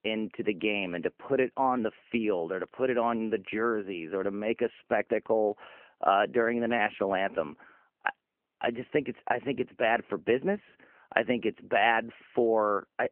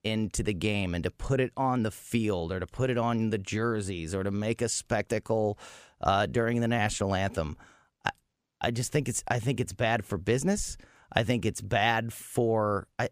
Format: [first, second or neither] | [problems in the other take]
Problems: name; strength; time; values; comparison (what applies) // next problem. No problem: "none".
second | phone-call audio; nothing above 3 kHz